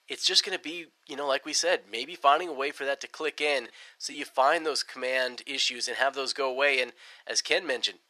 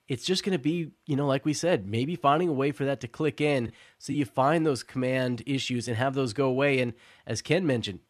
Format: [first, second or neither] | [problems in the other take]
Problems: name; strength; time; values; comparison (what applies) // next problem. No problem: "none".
second | thin; very; fading below 550 Hz